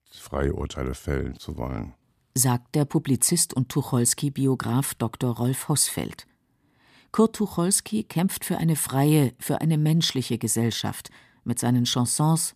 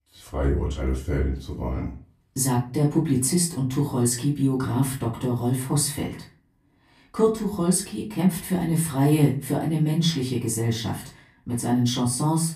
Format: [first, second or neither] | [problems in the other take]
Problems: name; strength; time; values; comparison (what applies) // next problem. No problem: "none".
first | room echo; slight; dies away in 0.3 s // off-mic speech; far